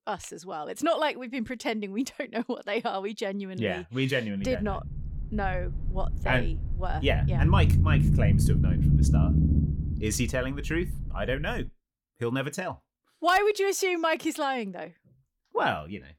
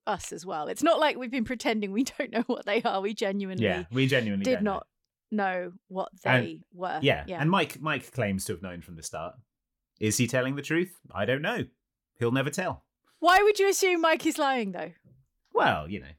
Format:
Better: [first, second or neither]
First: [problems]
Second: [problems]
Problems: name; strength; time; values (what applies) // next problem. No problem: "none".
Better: second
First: low rumble; loud; from 4.5 to 12 s; 7 dB below the speech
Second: none